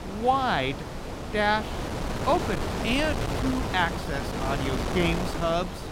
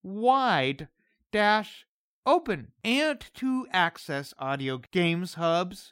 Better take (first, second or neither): second